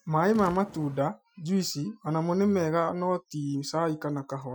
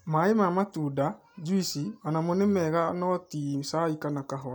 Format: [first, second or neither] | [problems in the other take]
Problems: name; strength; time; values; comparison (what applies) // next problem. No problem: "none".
second | noise reduction (classical method Wiener filter)